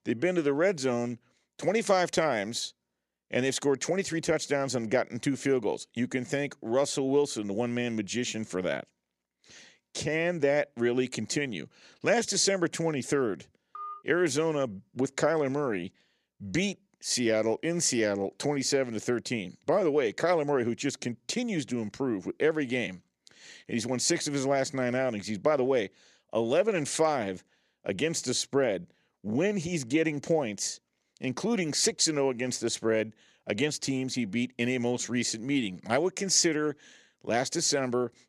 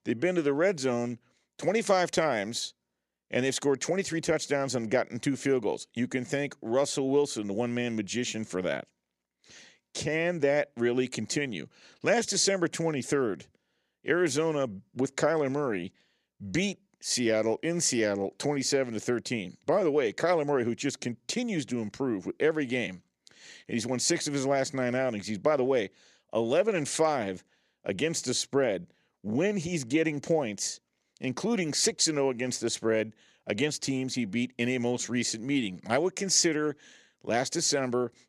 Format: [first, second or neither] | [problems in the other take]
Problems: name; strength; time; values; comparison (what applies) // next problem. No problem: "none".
second | phone ringing; faint; at 14 s; peak 10 dB below the speech